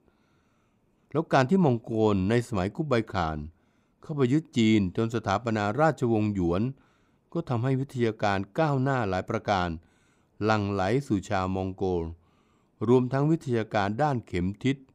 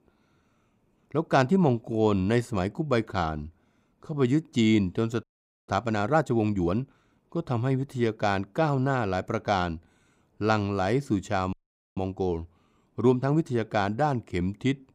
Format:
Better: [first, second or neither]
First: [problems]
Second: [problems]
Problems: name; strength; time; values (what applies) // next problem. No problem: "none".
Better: first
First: none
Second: audio freezing; at 5 s and at 12 s